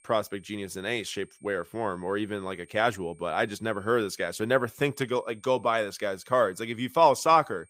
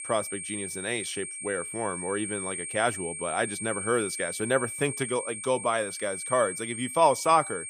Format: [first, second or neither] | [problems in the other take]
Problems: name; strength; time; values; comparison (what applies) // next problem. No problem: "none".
first | high-pitched whine; loud; throughout; 8.5 kHz, 5 dB below the speech; faint in the first